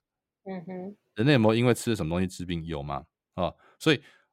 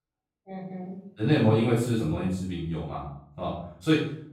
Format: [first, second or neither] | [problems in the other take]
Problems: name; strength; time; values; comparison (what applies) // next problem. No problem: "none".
first | off-mic speech; far // room echo; noticeable; dies away in 0.6 s